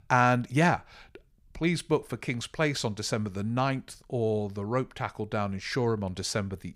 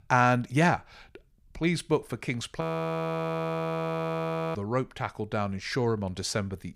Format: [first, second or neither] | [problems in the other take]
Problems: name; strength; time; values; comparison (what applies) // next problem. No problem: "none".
first | audio freezing; at 2.5 s for 2 s